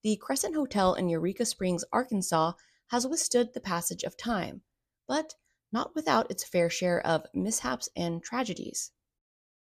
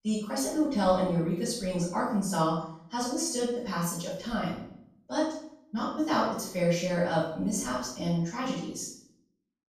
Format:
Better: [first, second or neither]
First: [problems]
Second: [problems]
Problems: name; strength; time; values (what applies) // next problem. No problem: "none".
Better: first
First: none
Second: off-mic speech; far // room echo; noticeable; dies away in 0.6 s